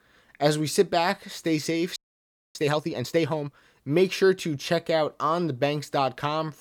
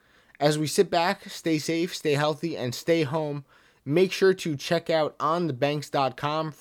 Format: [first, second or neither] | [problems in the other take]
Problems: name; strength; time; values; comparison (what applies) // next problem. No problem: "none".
second | audio freezing; at 2 s for 0.5 s